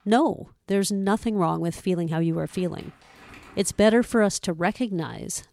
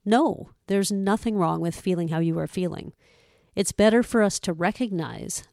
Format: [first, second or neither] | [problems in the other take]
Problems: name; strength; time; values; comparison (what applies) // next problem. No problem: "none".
second | household noises; faint; throughout; 25 dB below the speech